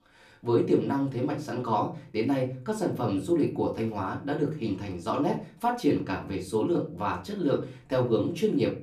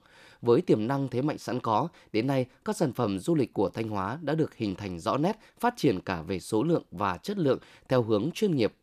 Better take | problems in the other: second | off-mic speech; far // room echo; very slight; dies away in 0.3 s

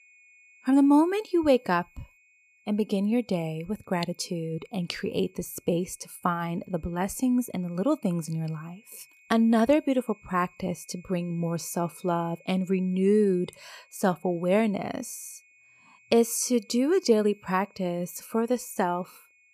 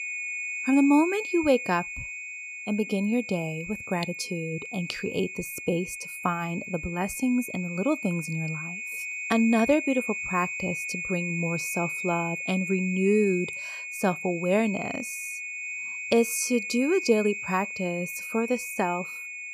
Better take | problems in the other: first | high-pitched whine; loud; throughout; 2.5 kHz, 6 dB below the speech; faint in the first

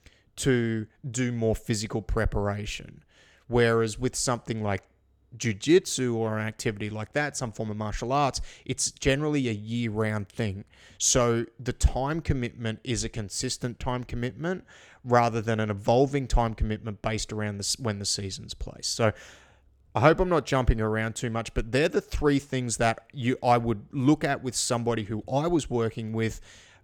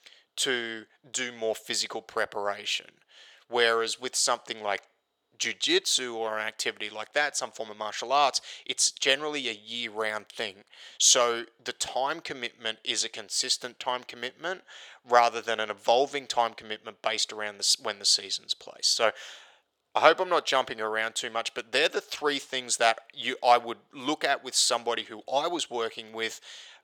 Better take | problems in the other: first | thin; very; fading below 650 Hz

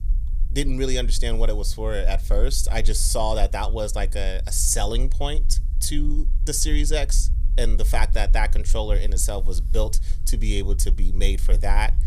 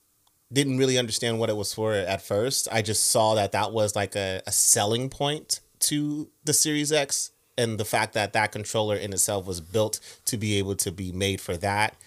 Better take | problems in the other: second | low rumble; faint; throughout; 20 dB below the speech

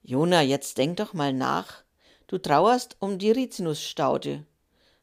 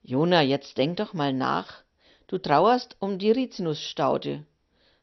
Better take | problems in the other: first | garbled, watery; slightly; nothing above 6 kHz

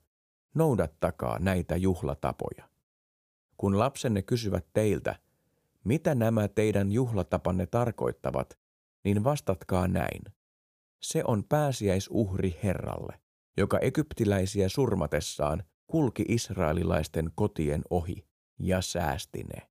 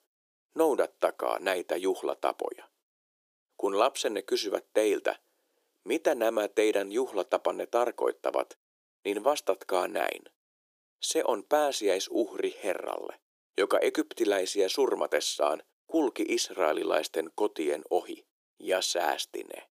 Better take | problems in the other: first | thin; very; fading below 350 Hz

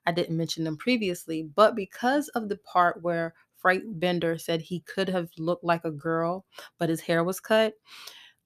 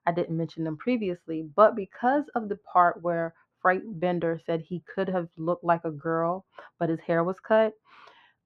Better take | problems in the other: first | muffled; very; fading above 1.5 kHz

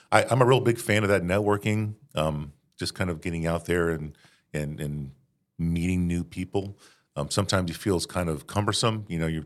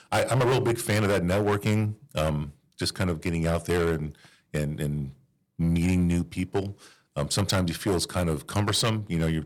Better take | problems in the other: first | distortion; heavy; 9% of the sound clipped

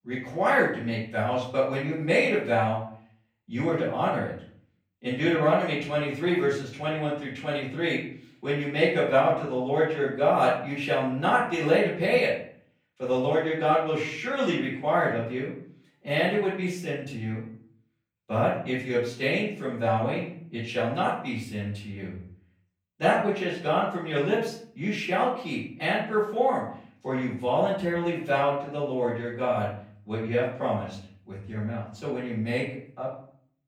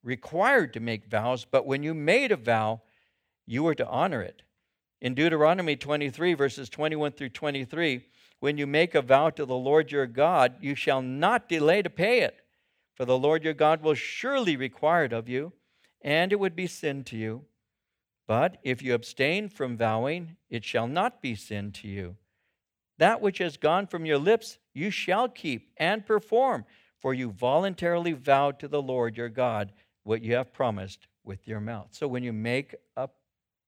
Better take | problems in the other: second | off-mic speech; far // room echo; noticeable; dies away in 0.5 s

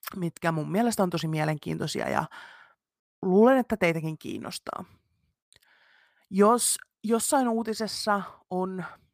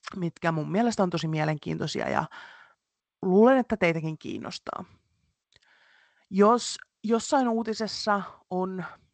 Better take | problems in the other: first | garbled, watery; slightly; nothing above 8 kHz

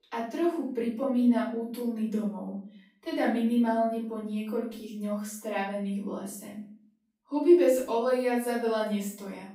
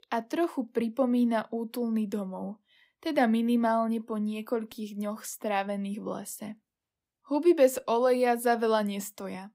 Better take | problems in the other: second | off-mic speech; far // room echo; noticeable; dies away in 0.4 s

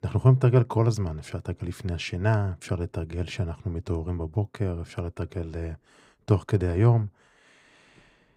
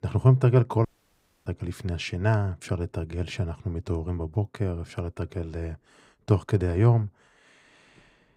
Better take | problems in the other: first | audio cutting out; at 1 s for 0.5 s

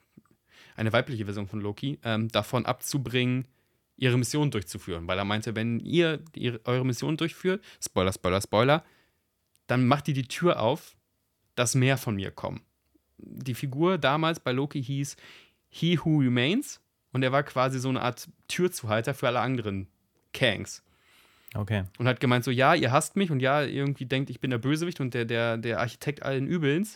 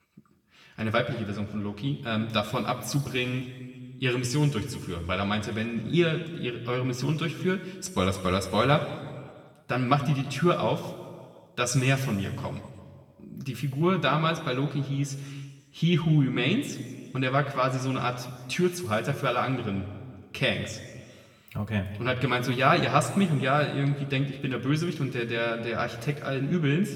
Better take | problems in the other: first | room echo; slight; dies away in 1.5 s // off-mic speech; somewhat distant

